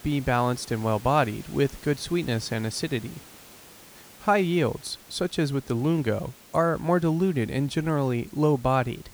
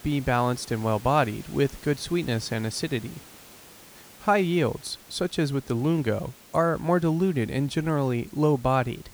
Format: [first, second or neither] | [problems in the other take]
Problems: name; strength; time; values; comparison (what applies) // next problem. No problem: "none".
neither | hiss; faint; throughout; 20 dB below the speech; the same in both